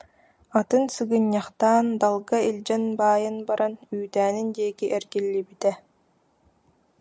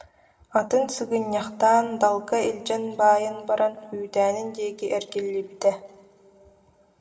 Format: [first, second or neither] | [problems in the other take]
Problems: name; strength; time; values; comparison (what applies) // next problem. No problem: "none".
first | room echo; dies away in 1.6 s